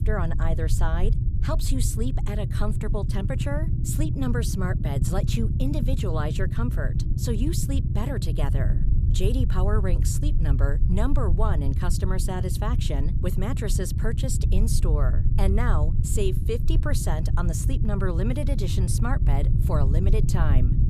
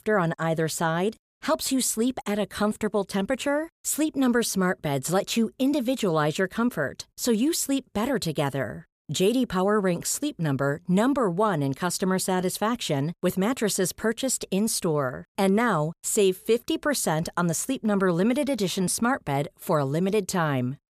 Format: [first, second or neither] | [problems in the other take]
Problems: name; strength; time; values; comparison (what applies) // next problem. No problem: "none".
second | low rumble; loud; throughout; 6 dB below the speech